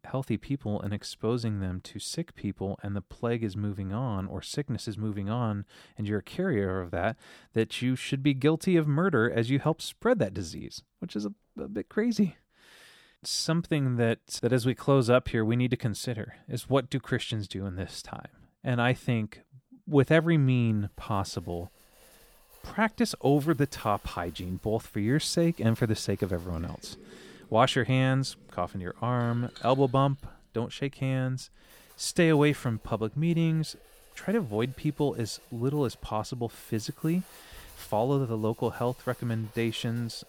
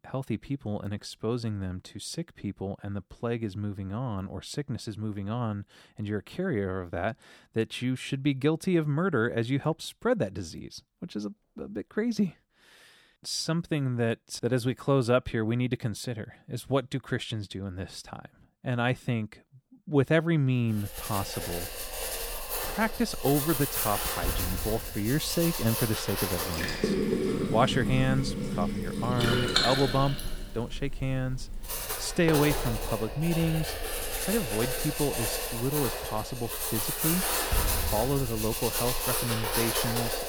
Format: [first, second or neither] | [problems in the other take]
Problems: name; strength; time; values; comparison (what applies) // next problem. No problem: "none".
first | household noises; loud; from 21 s on; as loud as the speech; faint in the first